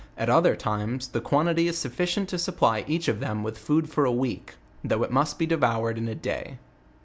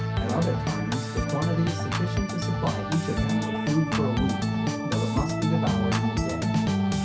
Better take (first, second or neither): first